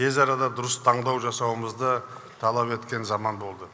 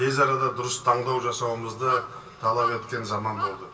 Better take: first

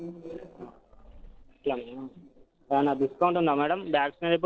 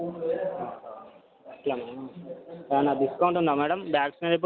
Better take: second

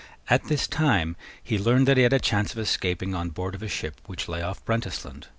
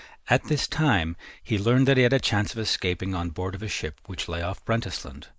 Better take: first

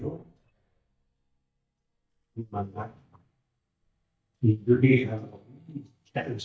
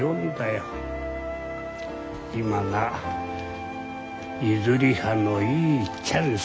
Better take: second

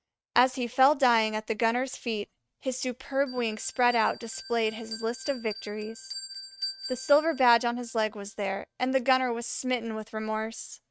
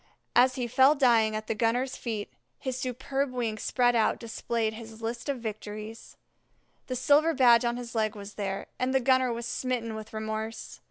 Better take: second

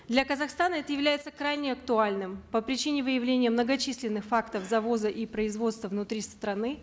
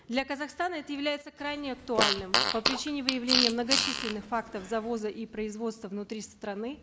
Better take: first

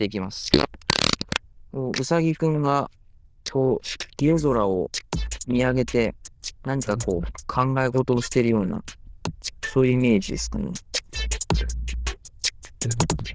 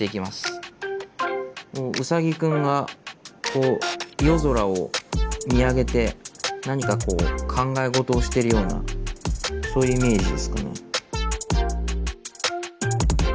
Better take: second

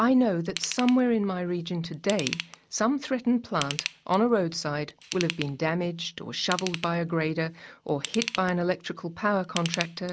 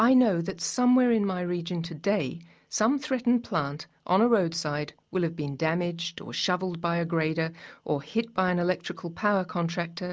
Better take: second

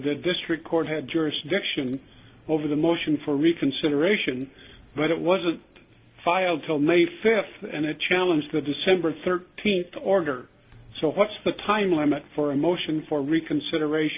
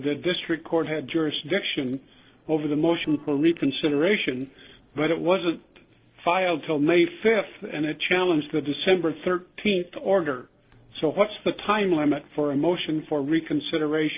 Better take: first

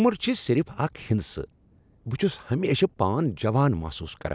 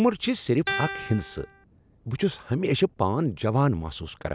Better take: first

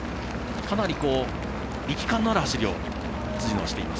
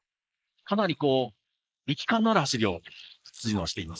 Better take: first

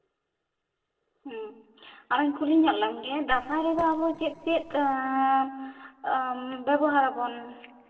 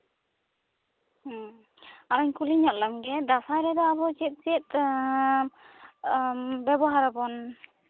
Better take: second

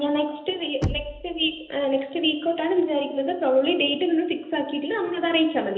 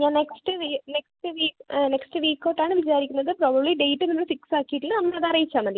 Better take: second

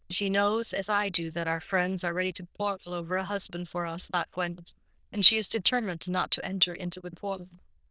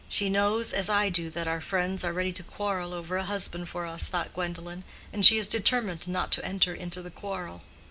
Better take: second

